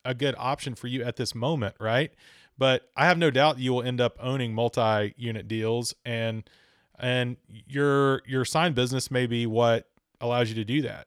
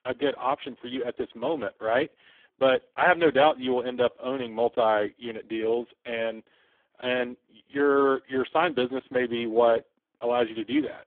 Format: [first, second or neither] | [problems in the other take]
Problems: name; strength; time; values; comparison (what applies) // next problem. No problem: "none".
first | phone-call audio; poor line; nothing above 3.5 kHz